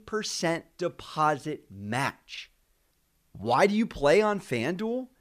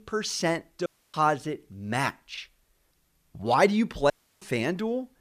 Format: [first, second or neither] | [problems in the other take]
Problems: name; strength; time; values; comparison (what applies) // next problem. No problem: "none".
first | audio cutting out; at 1 s and at 4 s